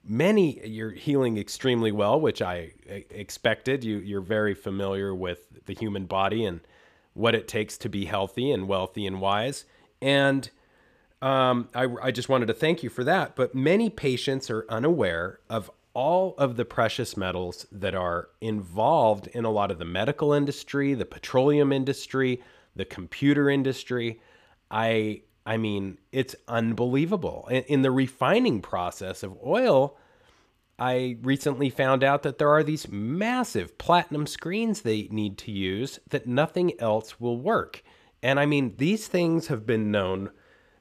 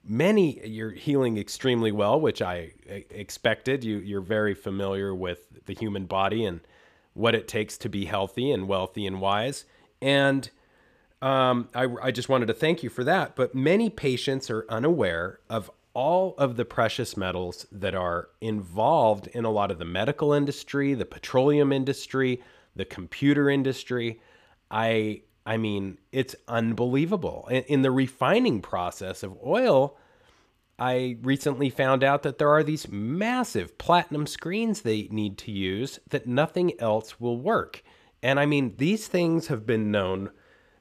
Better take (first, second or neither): neither